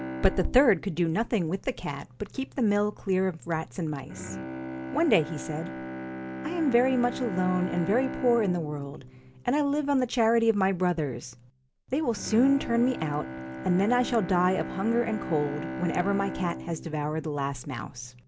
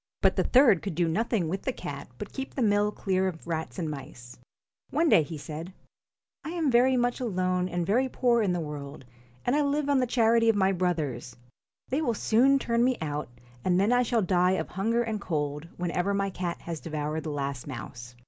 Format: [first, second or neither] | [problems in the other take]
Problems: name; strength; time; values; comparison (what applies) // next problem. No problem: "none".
second | background sound (Bowed string instrument); 11 dB below the speech